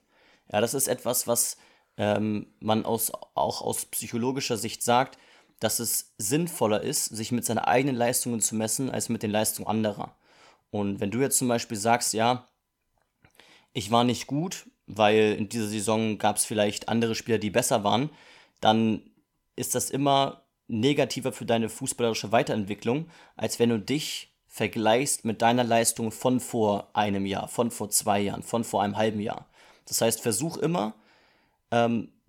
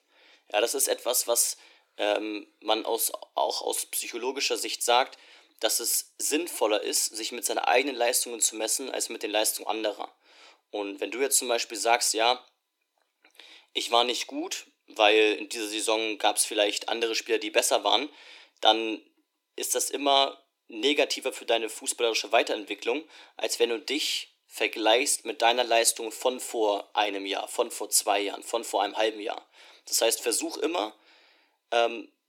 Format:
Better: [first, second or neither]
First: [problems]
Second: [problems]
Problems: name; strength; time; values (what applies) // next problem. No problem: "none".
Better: first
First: none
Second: thin; somewhat; fading below 300 Hz